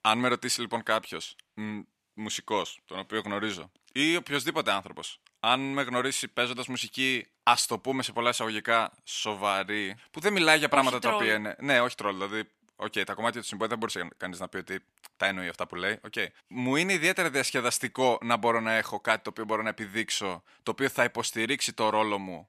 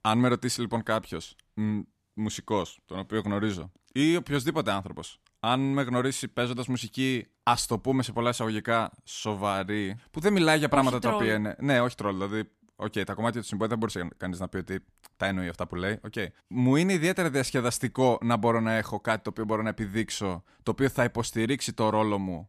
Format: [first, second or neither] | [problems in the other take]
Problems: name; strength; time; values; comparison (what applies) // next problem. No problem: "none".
second | thin; somewhat; fading below 600 Hz